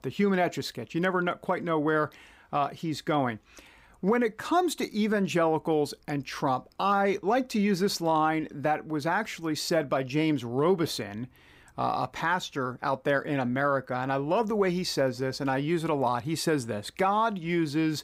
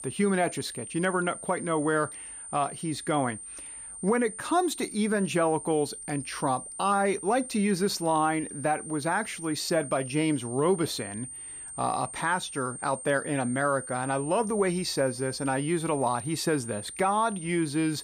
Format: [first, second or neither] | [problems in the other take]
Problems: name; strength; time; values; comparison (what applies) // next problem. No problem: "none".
first | high-pitched whine; noticeable; throughout; 9 kHz, 10 dB below the speech